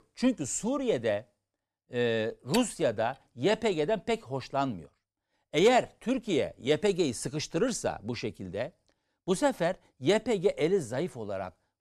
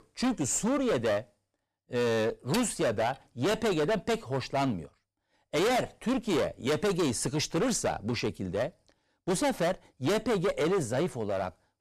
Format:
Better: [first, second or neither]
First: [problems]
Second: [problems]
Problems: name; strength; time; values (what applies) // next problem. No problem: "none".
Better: first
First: none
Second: distortion; heavy; 19% of the sound clipped